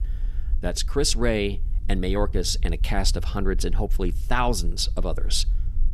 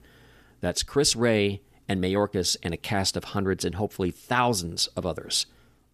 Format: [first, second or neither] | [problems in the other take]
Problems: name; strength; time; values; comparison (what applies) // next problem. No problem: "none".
second | low rumble; faint; throughout; 25 dB below the speech